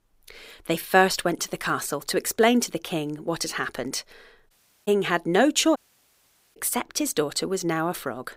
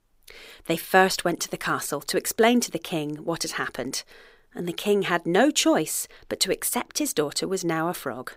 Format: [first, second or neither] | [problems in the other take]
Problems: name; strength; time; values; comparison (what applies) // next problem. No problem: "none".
second | audio cutting out; at 4.5 s and at 6 s for 1 s